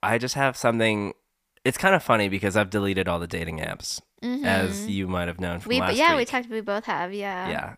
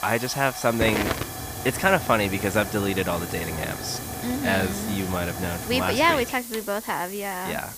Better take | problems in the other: first | hiss; loud; throughout; 7 dB below the speech

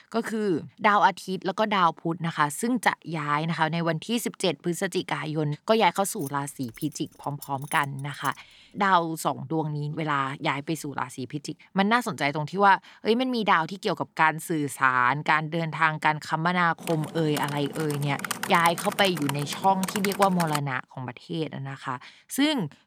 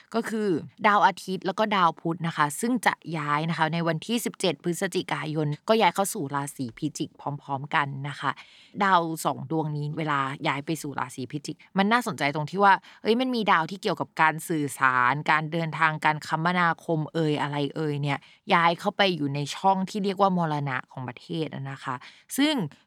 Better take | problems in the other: second | jangling keys; faint; from 6 to 8.5 s; peak 15 dB below the speech // keyboard typing; noticeable; from 17 to 21 s; peak 4 dB below the speech

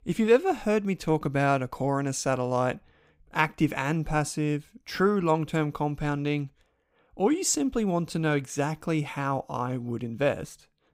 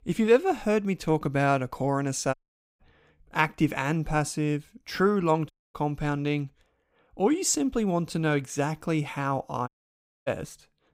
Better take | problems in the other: first | audio cutting out; at 2.5 s, at 5.5 s and at 9.5 s for 0.5 s

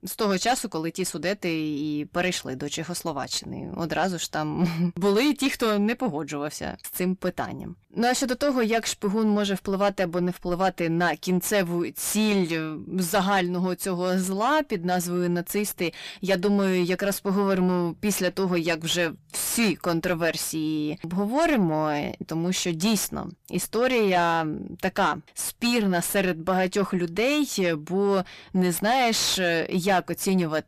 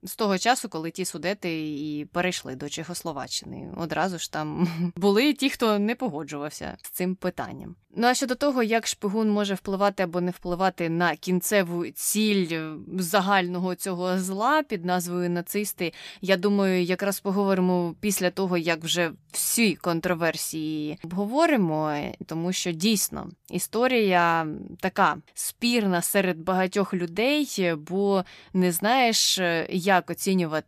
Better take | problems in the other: second | distortion; slight; 9 dB below the speech

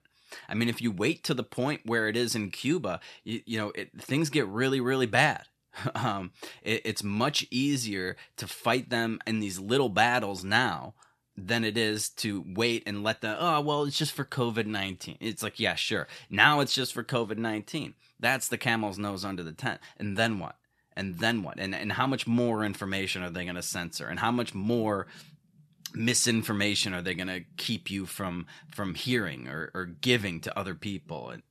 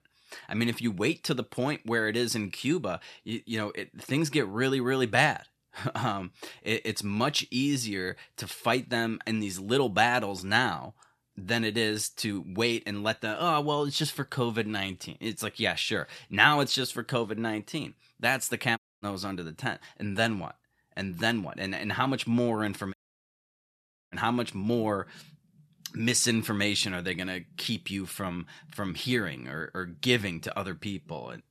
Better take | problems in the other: first | audio cutting out; at 19 s and at 23 s for 1 s

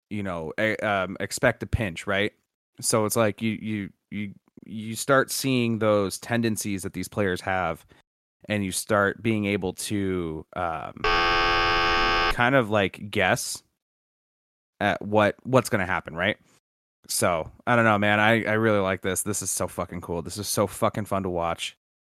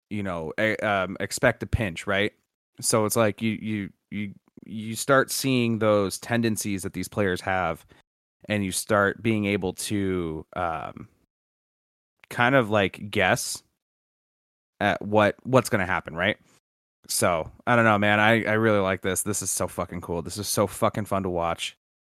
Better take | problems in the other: second | phone ringing; loud; from 11 to 12 s; peak 5 dB above the speech

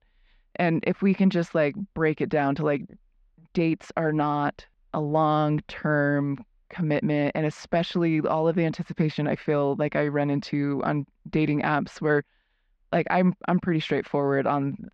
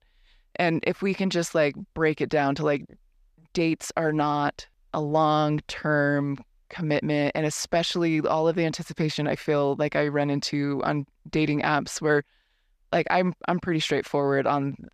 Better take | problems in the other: second | muffled; slightly; fading above 3 kHz

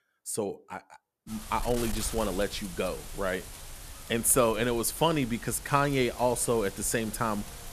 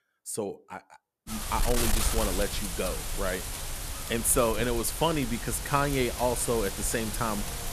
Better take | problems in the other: first | wind noise on the microphone; heavy; from 1.5 s on; 6 dB below the speech; occasional gusts in the first

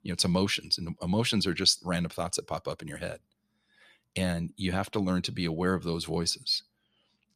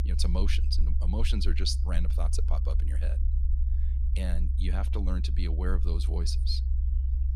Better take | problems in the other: first | low rumble; loud; throughout; 10 dB below the speech

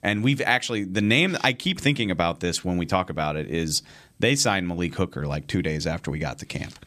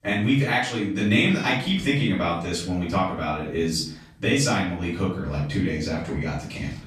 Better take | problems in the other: first | off-mic speech; far // room echo; noticeable; dies away in 0.5 s

